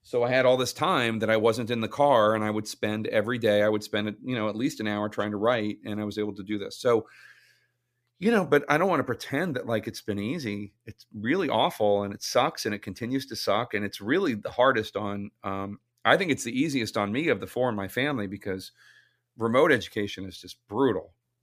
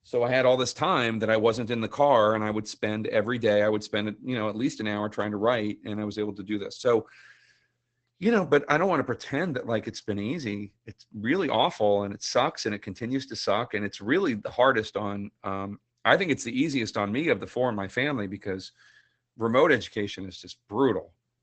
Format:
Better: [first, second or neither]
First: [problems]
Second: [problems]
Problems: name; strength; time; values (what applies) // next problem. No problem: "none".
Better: first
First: none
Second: garbled, watery; badly; nothing above 7.5 kHz